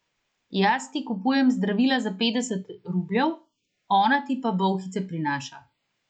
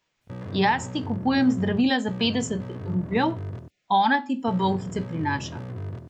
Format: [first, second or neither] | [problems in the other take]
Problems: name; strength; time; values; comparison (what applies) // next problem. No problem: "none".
first | background sound (Bass guitar); 9 dB below the speech